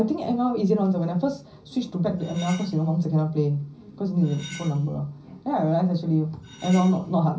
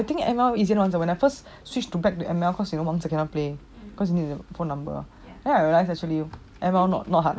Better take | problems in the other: second | background sound (Cutlery, silverware); 19 dB below the speech // room echo; dies away in 0.5 s

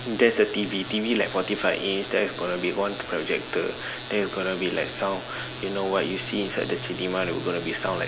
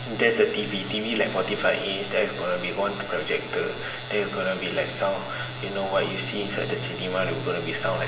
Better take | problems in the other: first | room echo; dies away in 2.5 s

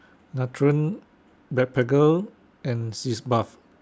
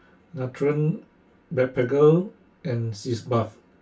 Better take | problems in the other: first | room echo; dies away in 0.2 s

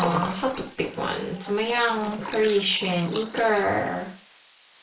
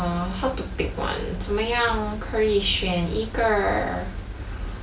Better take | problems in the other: second | noise reduction (neural mask model Resemble Enhance denoiser)

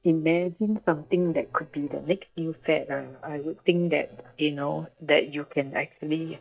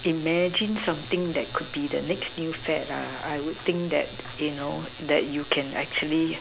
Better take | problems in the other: second | noise reduction (neural mask model DeepFilterNet 3)

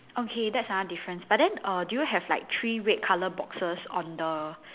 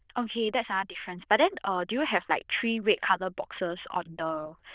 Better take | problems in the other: first | noise reduction (neural diffusion model UNIVERSE++)

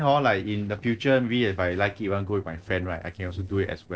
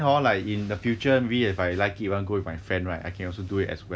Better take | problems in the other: second | noise reduction (neural separator model SepFormer DNS4)

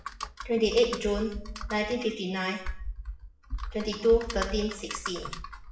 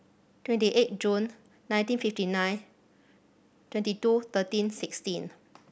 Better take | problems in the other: second | noise reduction (classical method WPE with log-MMSE)

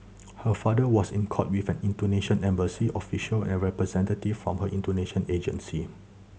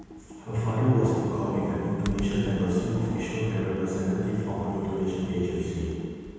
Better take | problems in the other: first | background sound (Computer keyboard); 15 dB below the speech // room echo; dies away in 2.1 s

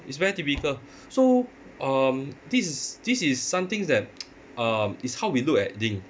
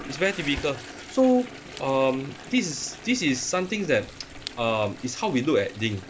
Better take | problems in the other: first | background sound (Fire / Rain + Toilet flush); 16 dB below the speech

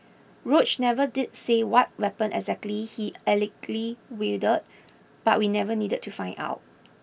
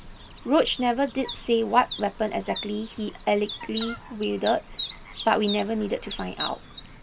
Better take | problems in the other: first | background sound (Chirp, tweet); 11 dB below the speech

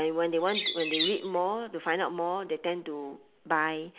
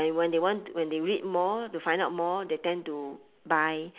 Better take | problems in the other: second | background sound (Bird); 1 dB below the speech

